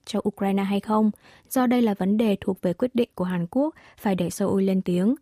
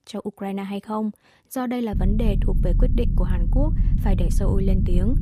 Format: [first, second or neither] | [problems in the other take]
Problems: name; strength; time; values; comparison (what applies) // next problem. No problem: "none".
first | low rumble; loud; from 2 s on; 7 dB below the speech